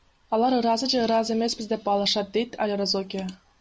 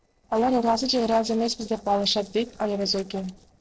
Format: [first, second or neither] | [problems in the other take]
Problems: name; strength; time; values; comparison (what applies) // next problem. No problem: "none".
first | noise reduction (neural separator model SepFormer DNS4)